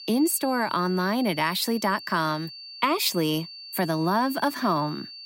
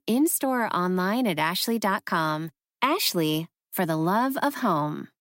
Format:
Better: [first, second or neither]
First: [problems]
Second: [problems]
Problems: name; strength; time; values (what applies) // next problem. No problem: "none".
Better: second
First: high-pitched whine; noticeable; throughout; 4.5 kHz, 15 dB below the speech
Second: none